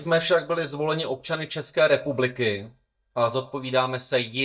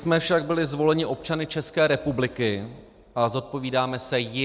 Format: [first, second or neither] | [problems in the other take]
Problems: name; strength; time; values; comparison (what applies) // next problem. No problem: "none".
second | noise reduction (neural mask model DeepFilterNet 3)